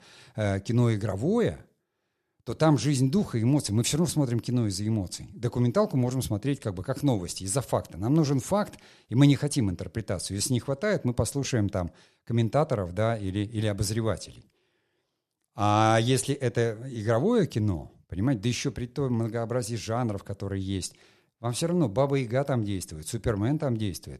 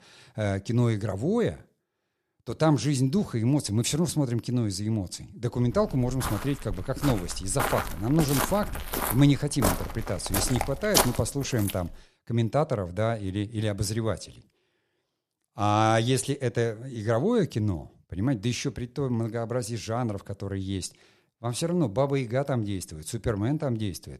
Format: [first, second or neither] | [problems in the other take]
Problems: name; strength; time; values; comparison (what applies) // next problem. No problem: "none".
first | footsteps; loud; from 6 to 12 s; peak 4 dB above the speech